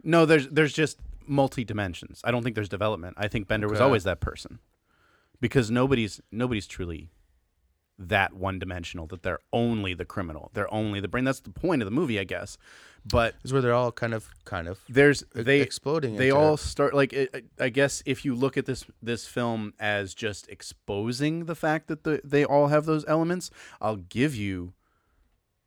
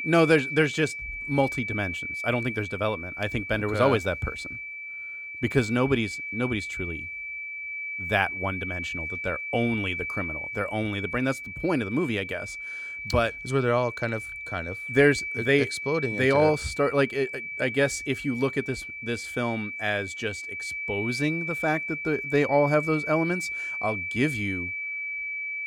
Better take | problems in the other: first | high-pitched whine; loud; throughout; 2.5 kHz, 5 dB below the speech

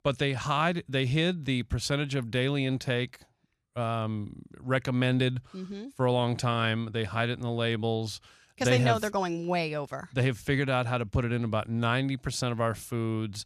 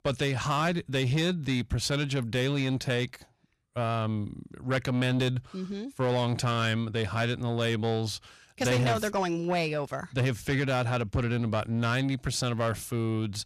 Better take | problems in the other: first | distortion; slight; 10 dB below the speech

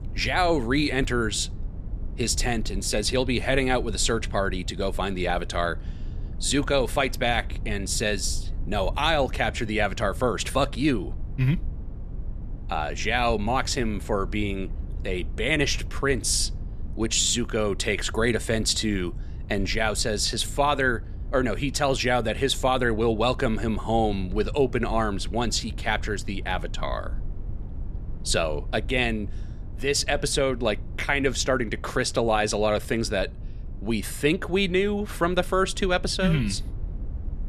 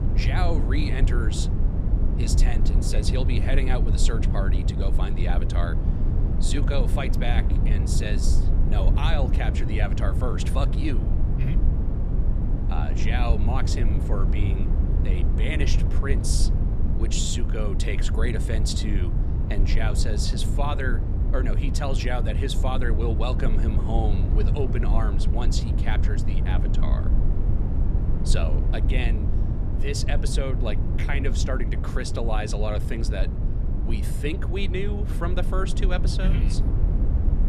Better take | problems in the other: first | low rumble; loud; throughout; 5 dB below the speech; faint in the first

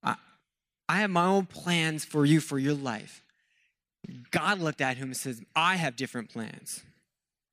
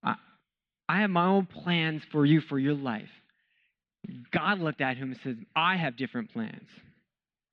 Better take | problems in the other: first | muffled; slightly; fading above 3.5 kHz

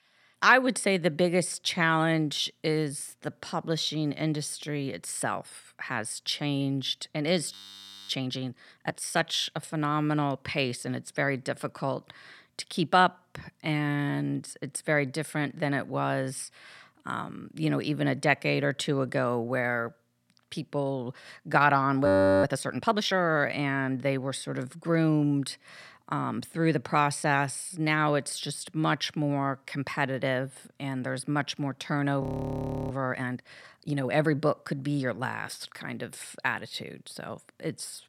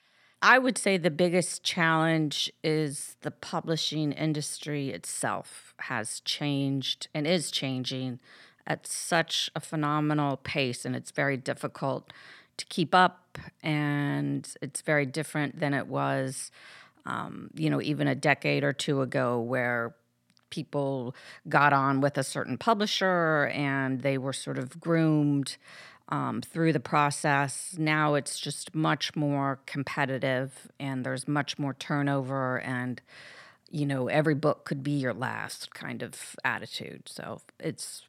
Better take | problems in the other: second | audio freezing; at 7.5 s for 0.5 s, at 22 s and at 32 s for 0.5 s

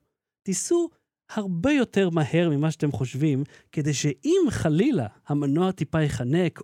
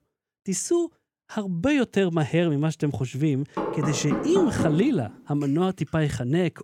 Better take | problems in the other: first | door banging; noticeable; from 3.5 to 5 s; peak 2 dB below the speech

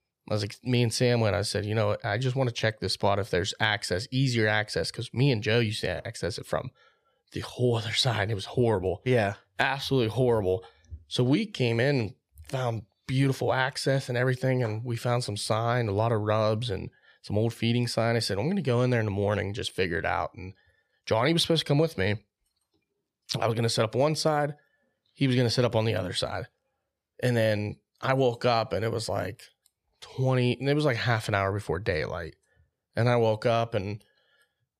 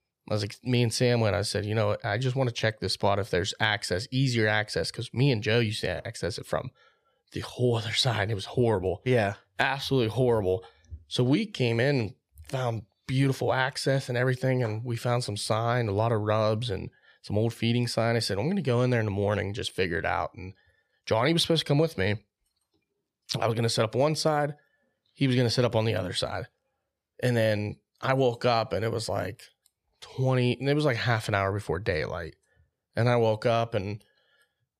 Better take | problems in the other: neither | none

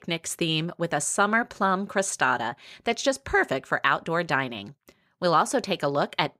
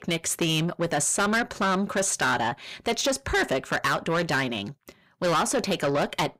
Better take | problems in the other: first | distortion; heavy; 6 dB below the speech

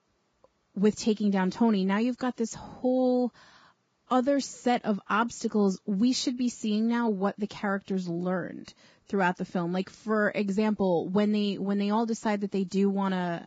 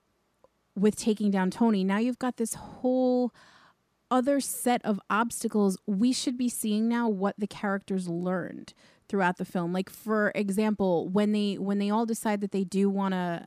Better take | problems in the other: second | garbled, watery; badly; nothing above 7.5 kHz

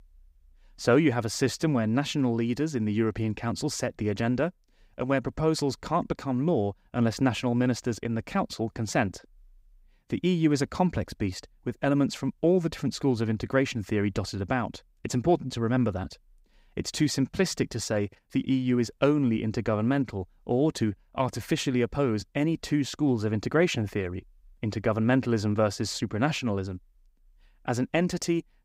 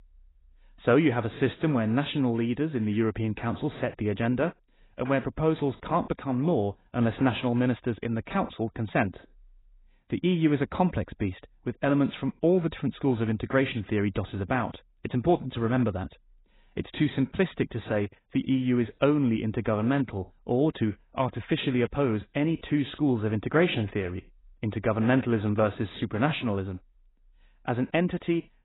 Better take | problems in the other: first | garbled, watery; badly; nothing above 4 kHz

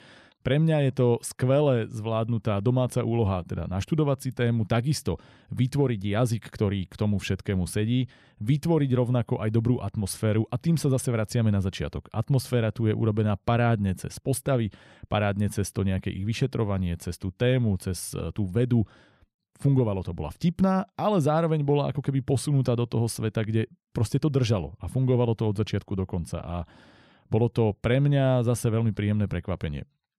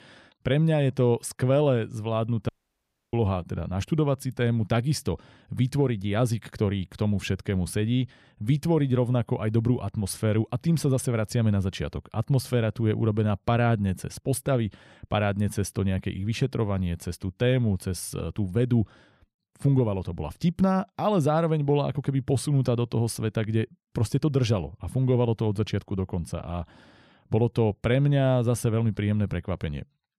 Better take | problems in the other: first | audio cutting out; at 2.5 s for 0.5 s

